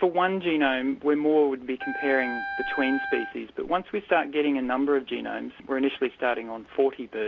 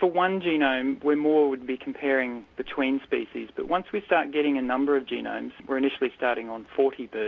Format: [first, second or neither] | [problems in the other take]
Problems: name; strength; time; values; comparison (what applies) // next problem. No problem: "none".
second | background sound (Wind instrument, woodwind instrument); 7 dB below the speech